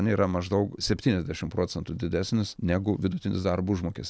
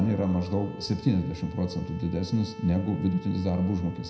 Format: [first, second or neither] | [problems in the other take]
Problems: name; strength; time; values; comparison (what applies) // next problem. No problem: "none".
first | background sound (Bowed string instrument); 18 dB below the speech // room echo; dies away in 0.7 s